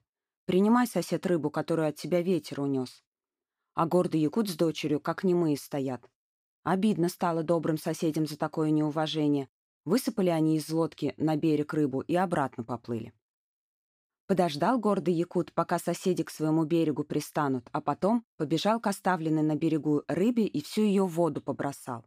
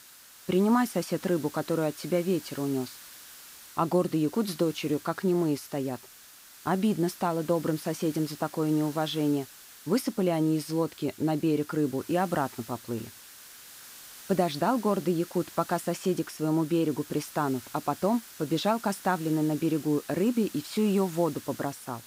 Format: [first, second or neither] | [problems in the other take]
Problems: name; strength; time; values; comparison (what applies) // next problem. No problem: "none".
first | hiss; noticeable; throughout; 15 dB below the speech